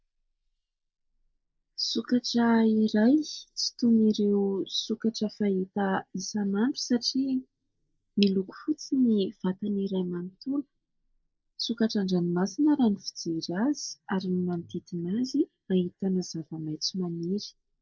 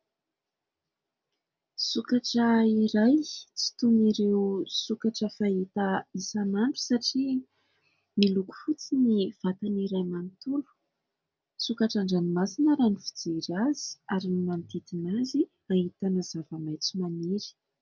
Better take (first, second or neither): second